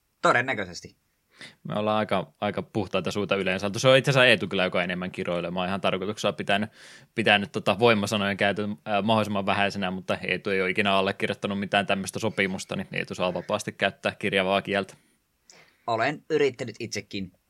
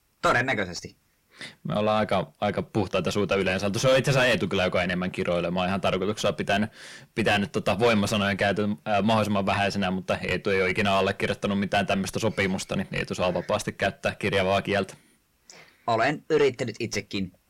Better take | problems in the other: first | distortion; heavy; 6 dB below the speech

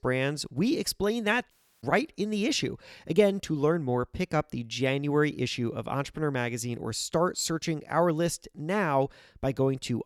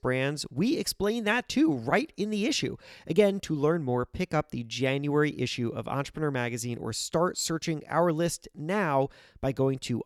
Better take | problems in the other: second | audio cutting out; at 1.5 s

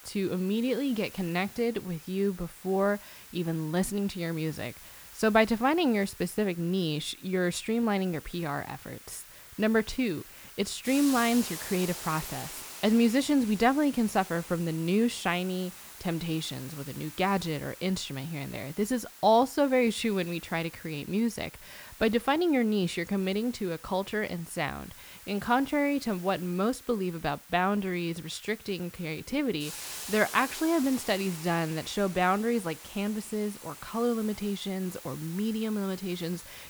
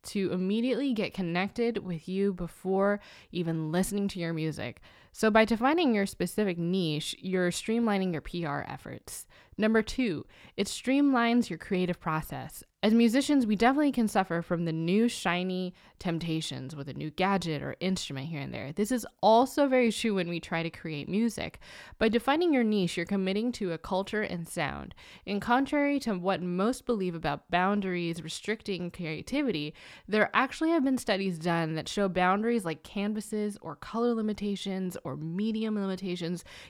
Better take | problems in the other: second | hiss; noticeable; throughout; 15 dB below the speech

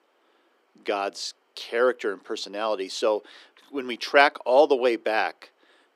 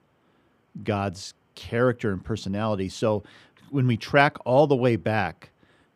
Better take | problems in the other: second | thin; somewhat; fading below 350 Hz

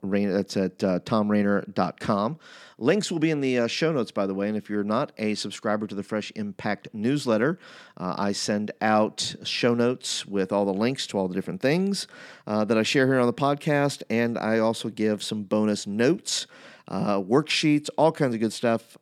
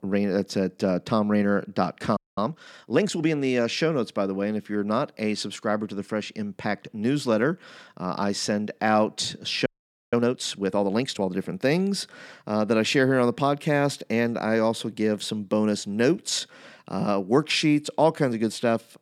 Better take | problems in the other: first | audio freezing; at 2 s and at 9.5 s

